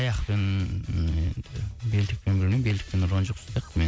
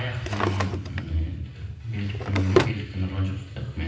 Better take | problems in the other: first | background sound (Drawer open or close); 3 dB below the speech // room echo; dies away in 0.9 s

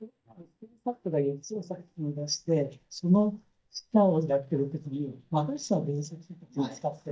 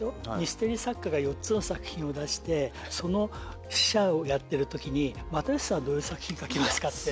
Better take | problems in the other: second | noise reduction (neural mask model DeepFilterNet 3)

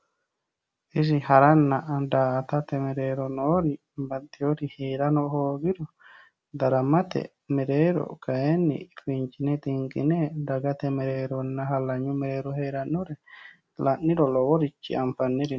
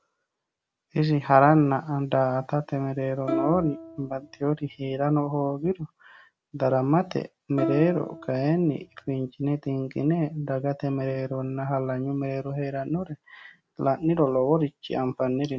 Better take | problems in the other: first | background sound (Plucked string instrument); 8 dB below the speech

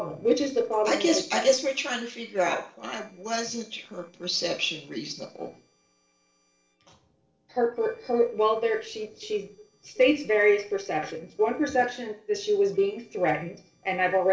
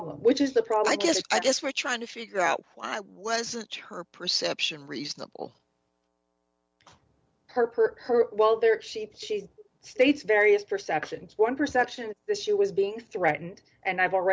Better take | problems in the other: second | noise reduction (neural separator model SepFormer DNS4)

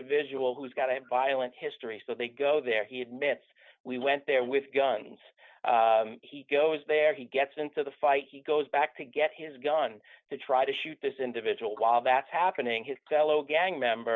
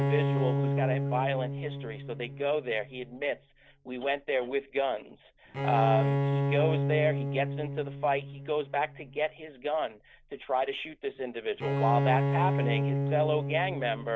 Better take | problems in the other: first | background sound (Bowed string instrument); as loud as the speech

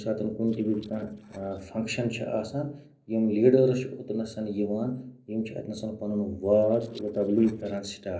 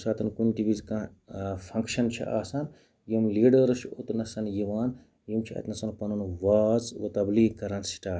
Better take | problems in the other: second | noise reduction (neural separator model SepFormer DNS4)

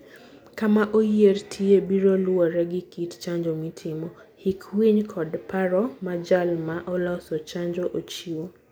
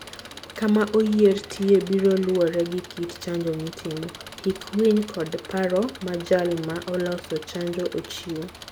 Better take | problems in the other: first | background sound (Engine); 17 dB below the speech

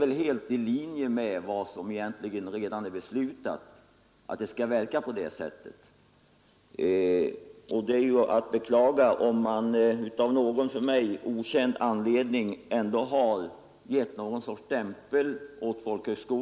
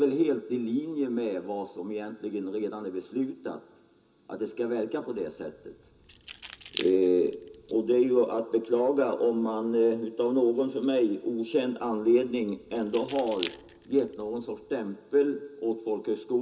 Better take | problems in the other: first | background sound (Keys jangling); 18 dB below the speech // room echo; dies away in 0.2 s

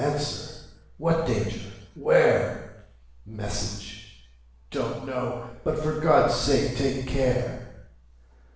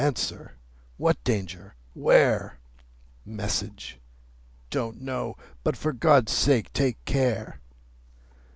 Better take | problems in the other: second | room echo; dies away in 0.9 s

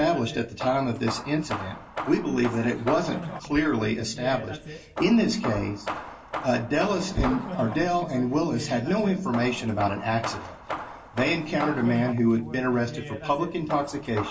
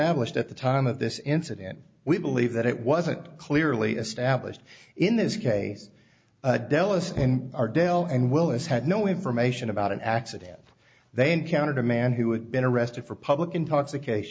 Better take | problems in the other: second | background sound (Hammer / Wood); 10 dB below the speech // room echo; dies away in 0.2 s

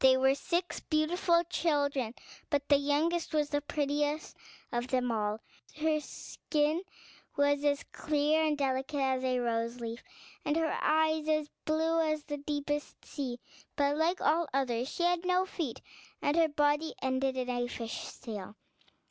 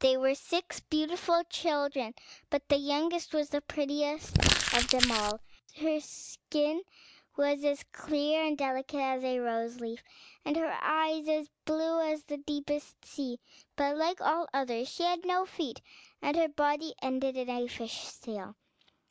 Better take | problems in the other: first | background sound (Crumpling, crinkling); 3 dB above the speech

